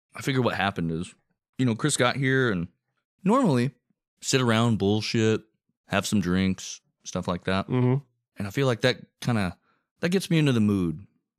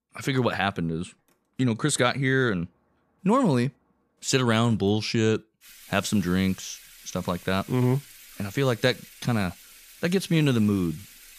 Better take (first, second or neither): first